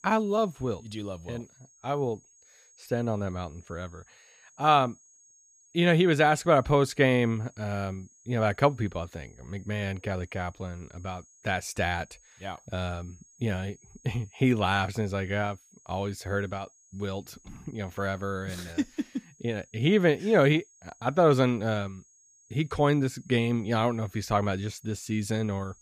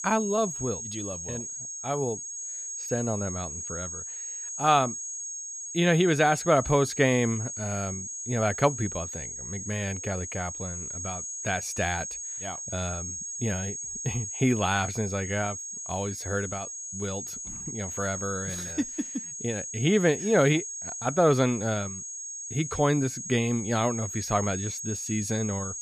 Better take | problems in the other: first | high-pitched whine; loud; throughout; 6.5 kHz, 6 dB below the speech; faint in the first

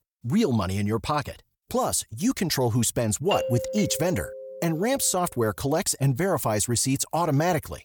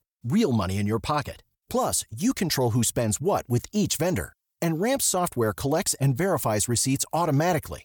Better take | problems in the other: second | doorbell; noticeable; from 3.5 to 5 s; peak 4 dB below the speech

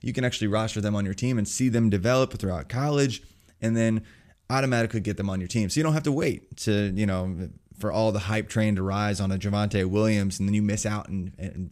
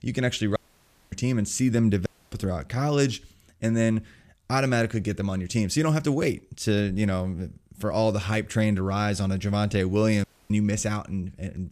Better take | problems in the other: first | audio cutting out; at 0.5 s for 0.5 s, at 2 s and at 10 s

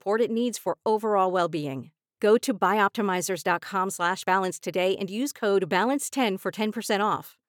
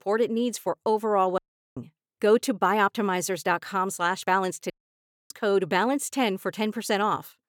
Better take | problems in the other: first | audio cutting out; at 1.5 s and at 4.5 s for 0.5 s

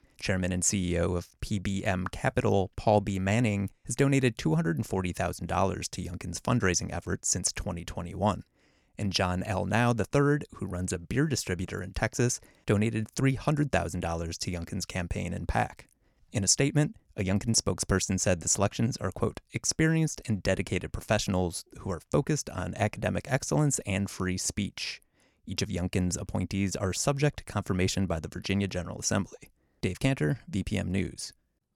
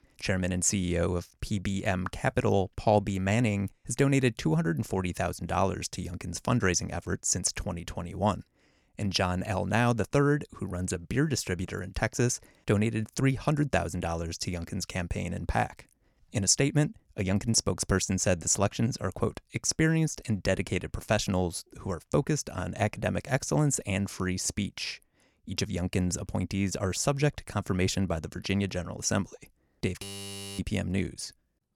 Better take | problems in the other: first | audio freezing; at 30 s for 0.5 s

